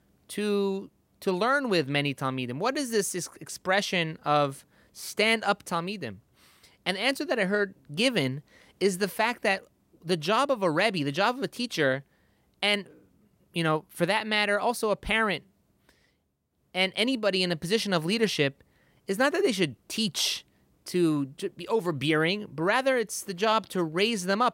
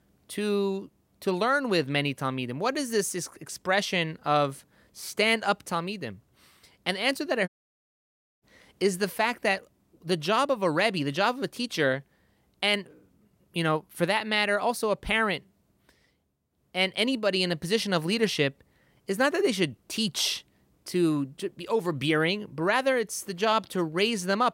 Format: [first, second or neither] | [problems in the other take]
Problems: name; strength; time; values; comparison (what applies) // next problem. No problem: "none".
first | audio cutting out; at 7.5 s for 1 s